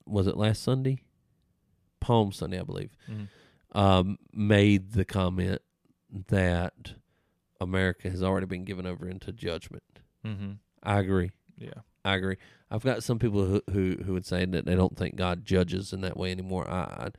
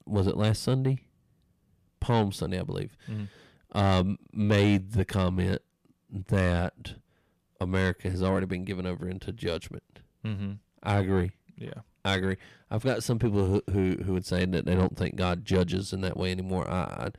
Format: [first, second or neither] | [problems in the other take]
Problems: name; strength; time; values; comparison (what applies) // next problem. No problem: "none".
first | distortion; slight; 10 dB below the speech